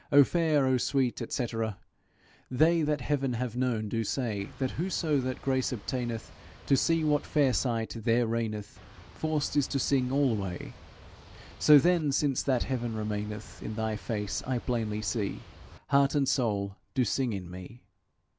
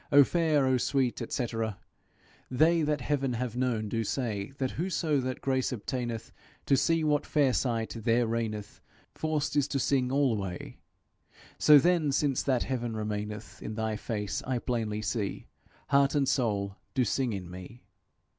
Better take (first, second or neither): second